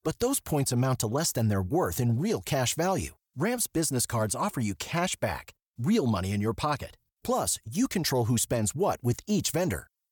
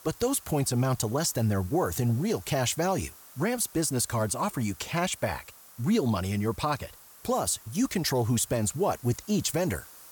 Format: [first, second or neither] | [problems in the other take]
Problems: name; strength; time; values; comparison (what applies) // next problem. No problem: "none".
first | hiss; faint; throughout; 20 dB below the speech